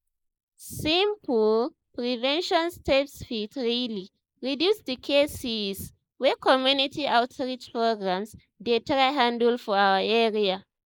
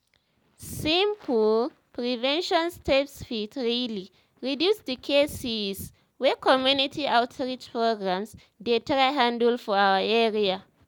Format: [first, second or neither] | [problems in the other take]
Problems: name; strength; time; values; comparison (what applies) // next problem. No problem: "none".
second | noise reduction (neural mask model Resemble Enhance denoiser)